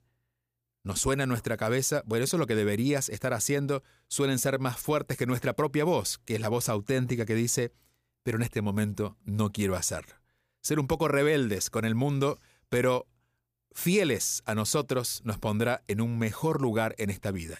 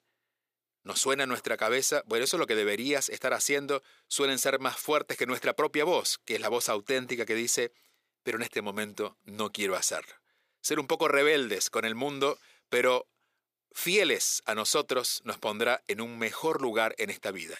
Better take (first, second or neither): first